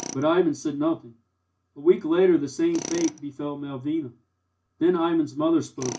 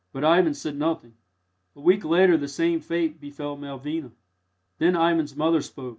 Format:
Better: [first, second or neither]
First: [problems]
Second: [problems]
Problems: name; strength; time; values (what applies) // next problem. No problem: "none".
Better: second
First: background sound (Tools); 17 dB below the speech // room echo; dies away in 0.2 s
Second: none